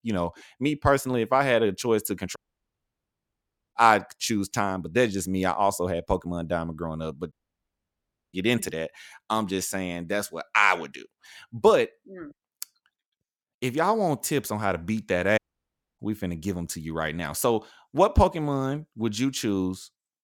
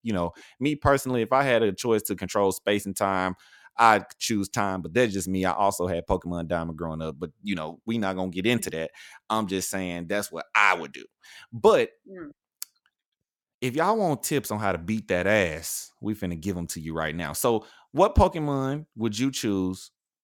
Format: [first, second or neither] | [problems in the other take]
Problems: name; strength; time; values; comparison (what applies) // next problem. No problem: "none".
second | audio cutting out; at 2.5 s for 1.5 s, at 7.5 s for 1 s and at 15 s for 0.5 s